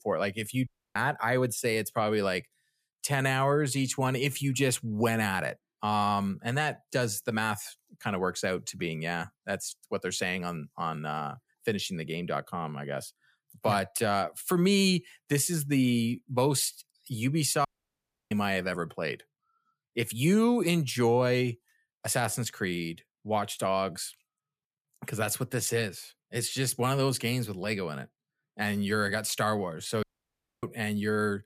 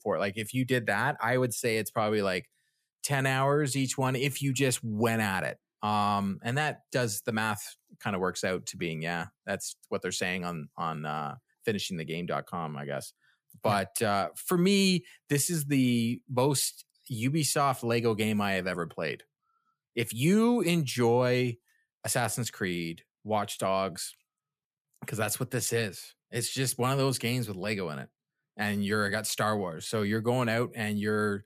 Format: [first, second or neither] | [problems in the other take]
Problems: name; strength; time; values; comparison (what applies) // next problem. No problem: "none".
second | audio cutting out; at 0.5 s, at 18 s for 0.5 s and at 30 s for 0.5 s